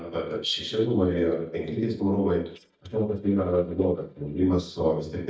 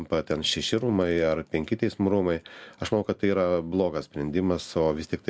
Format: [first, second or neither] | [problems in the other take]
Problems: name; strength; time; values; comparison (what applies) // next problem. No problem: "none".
second | noise reduction (neural mask model DeepFilterNet 3)